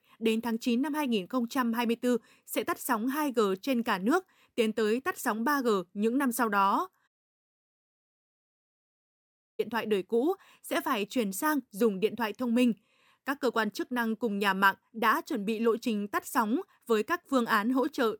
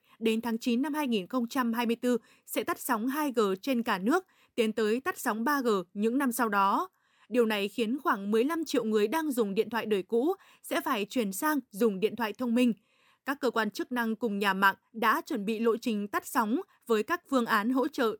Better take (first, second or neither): second